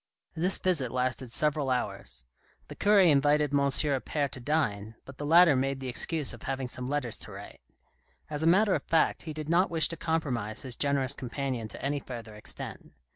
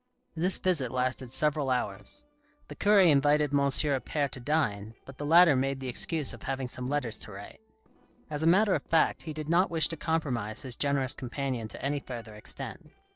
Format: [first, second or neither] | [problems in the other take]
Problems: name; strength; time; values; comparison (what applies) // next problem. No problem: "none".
first | noise reduction (neural separator model SepFormer DNS4)